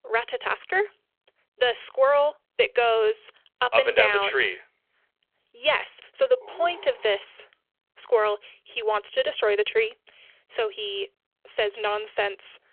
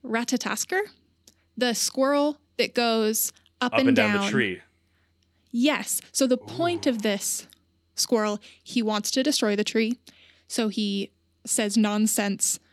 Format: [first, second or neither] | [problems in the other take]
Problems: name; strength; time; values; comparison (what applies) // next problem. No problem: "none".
second | phone-call audio